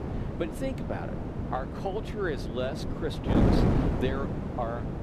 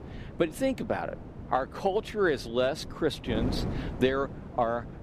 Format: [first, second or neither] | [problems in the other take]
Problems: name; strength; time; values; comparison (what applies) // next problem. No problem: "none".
second | wind noise on the microphone; heavy; as loud as the speech; occasional gusts in the second